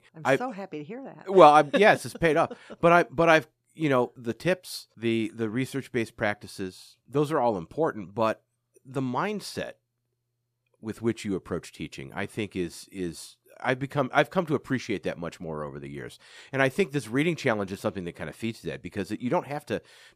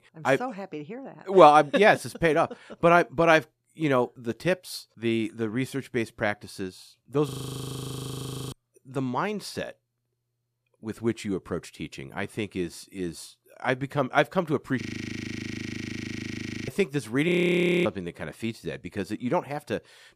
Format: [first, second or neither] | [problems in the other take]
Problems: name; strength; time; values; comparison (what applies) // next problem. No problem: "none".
first | audio freezing; at 7.5 s for 1 s, at 15 s for 2 s and at 17 s for 0.5 s